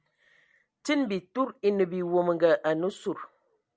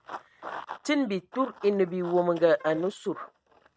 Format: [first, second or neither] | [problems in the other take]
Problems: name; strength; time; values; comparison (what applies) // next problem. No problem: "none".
first | noise reduction (neural mask model RNNoise)